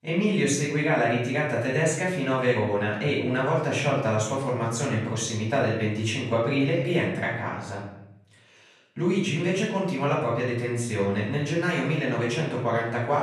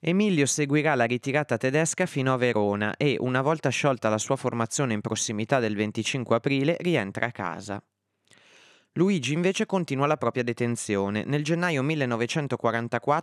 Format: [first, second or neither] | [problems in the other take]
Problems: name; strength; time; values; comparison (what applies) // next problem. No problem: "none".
second | off-mic speech; far // room echo; noticeable; dies away in 0.7 s